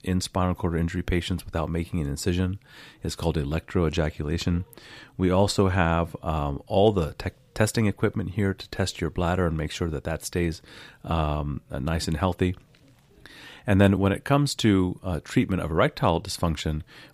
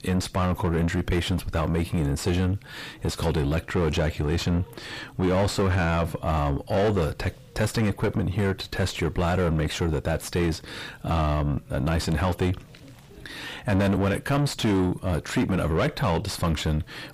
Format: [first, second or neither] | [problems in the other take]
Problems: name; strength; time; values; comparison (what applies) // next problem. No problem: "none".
first | distortion; heavy; 5 dB below the speech